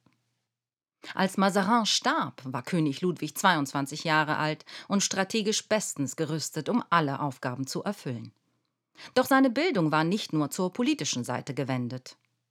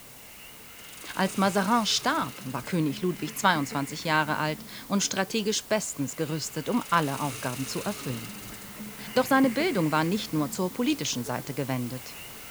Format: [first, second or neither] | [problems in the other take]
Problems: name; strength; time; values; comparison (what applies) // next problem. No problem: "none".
first | hiss; noticeable; throughout; 10 dB below the speech